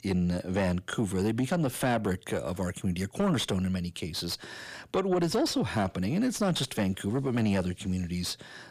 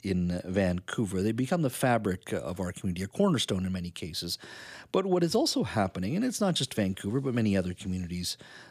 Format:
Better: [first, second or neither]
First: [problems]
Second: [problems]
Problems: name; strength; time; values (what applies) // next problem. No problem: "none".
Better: second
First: distortion; slight; 10 dB below the speech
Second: none